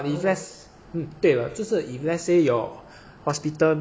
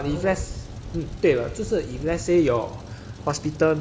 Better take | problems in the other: first | background sound (Truck + Wind); 11 dB below the speech

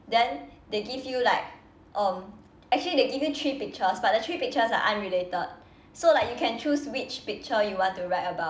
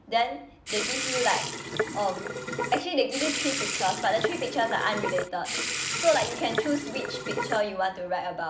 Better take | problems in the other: first | background sound (Sink (filling or washing) / Water tap, faucet); 2 dB below the speech

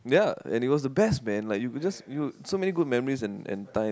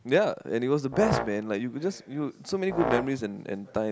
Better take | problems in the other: first | background sound (Brass instrument); 6 dB below the speech

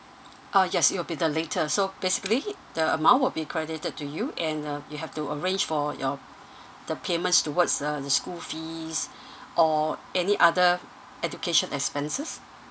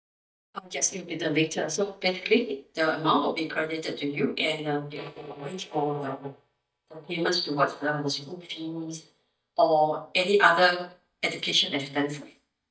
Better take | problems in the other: first | noise reduction (neural mask model DeepFilterNet 3)

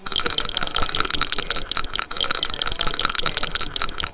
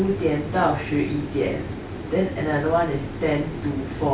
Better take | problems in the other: second | noise reduction (neural separator model SepFormer WHAMR!)

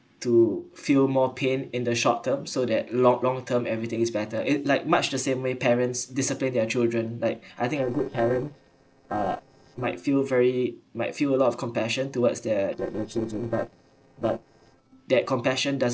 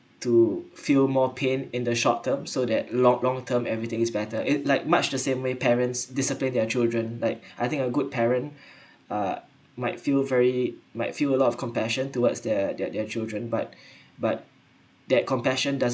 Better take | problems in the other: second | noise reduction (neural separator model SepFormer DNS4)

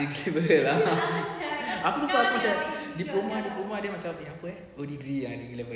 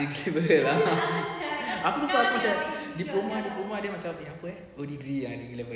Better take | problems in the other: first | background sound (Bowed string instrument); 17 dB below the speech

